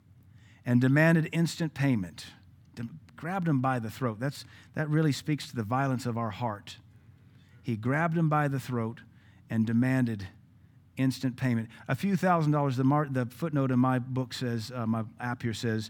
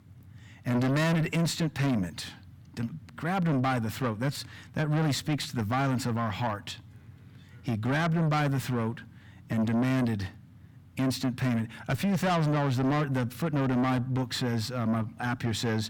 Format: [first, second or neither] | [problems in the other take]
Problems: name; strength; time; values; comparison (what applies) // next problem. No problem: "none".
first | distortion; heavy; 7 dB below the speech